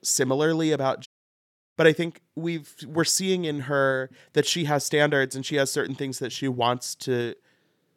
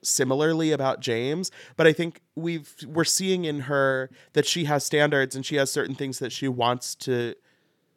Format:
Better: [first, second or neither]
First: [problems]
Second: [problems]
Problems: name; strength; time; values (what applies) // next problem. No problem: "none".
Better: second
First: audio cutting out; at 1 s for 0.5 s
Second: none